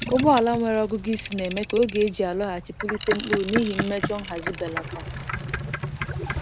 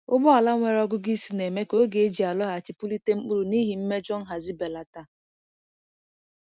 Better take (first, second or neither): second